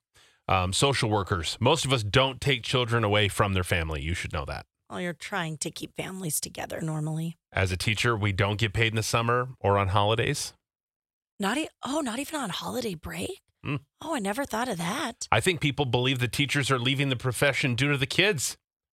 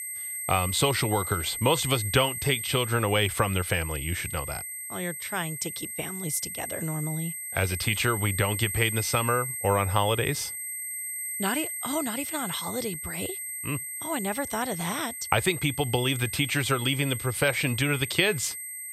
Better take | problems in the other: first | high-pitched whine; loud; throughout; 8.5 kHz, 5 dB below the speech

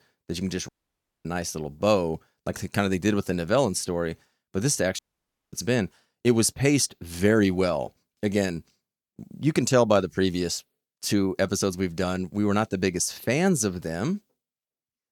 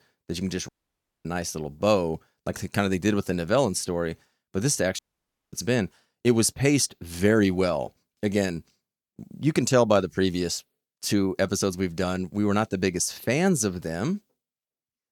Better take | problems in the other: neither | audio cutting out; at 0.5 s for 0.5 s and at 5 s for 0.5 s; the same in both

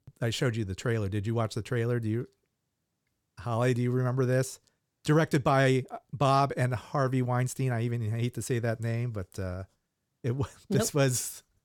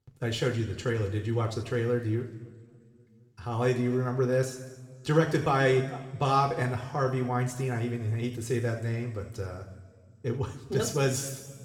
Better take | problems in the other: first | room echo; slight; dies away in 1.7 s // off-mic speech; somewhat distant

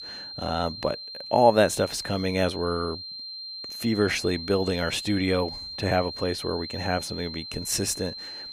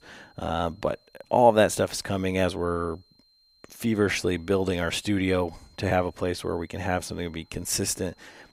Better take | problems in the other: second | high-pitched whine; loud; throughout; 4 kHz, 9 dB below the speech; faint in the second

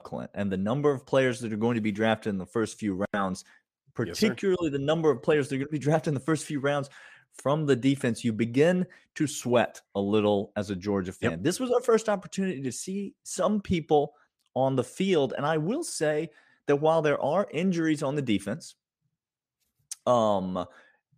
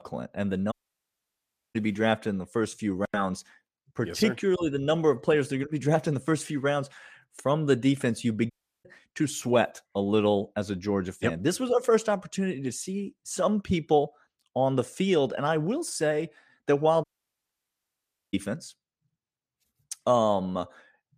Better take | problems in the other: first | audio cutting out; at 0.5 s for 1 s, at 8.5 s and at 17 s for 1.5 s

